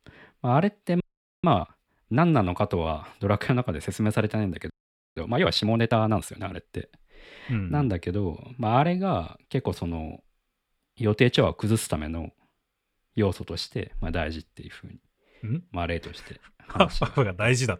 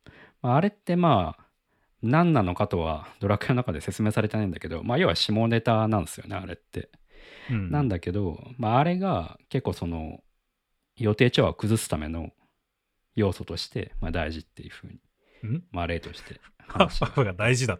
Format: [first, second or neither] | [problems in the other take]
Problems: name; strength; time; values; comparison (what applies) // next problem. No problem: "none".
second | audio freezing; at 1 s and at 4.5 s